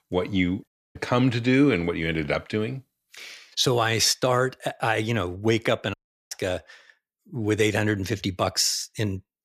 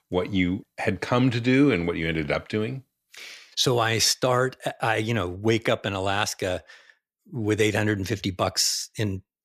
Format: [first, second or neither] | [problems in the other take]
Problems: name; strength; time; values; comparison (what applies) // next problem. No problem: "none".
second | audio cutting out; at 0.5 s and at 6 s